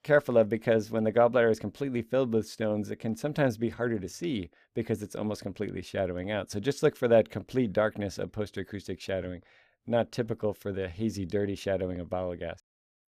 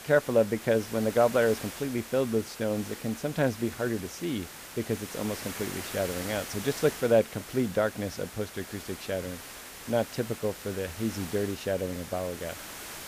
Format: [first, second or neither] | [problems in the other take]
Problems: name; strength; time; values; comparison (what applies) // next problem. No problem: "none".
first | hiss; noticeable; throughout; 10 dB below the speech